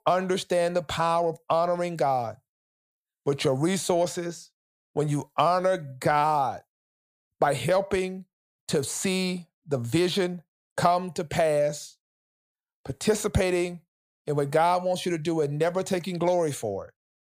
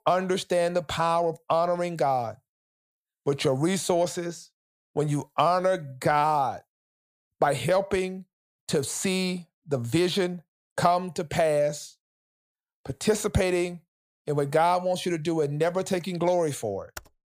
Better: first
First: none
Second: keyboard typing; very faint; at 17 s; peak 20 dB below the speech

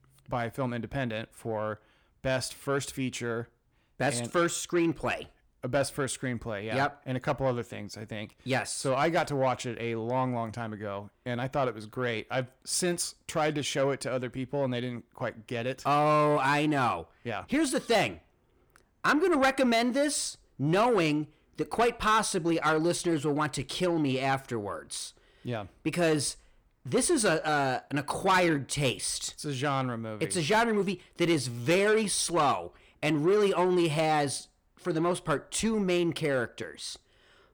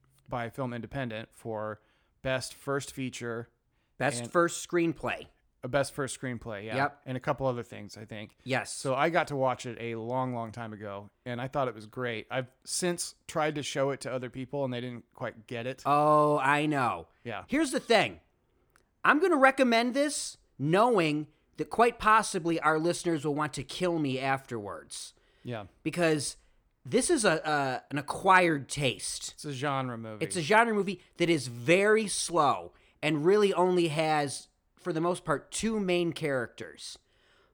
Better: second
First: distortion; slight; 10 dB below the speech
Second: none

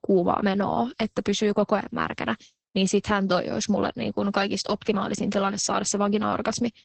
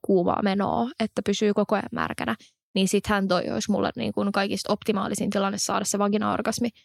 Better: second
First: garbled, watery; badly; nothing above 8 kHz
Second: none

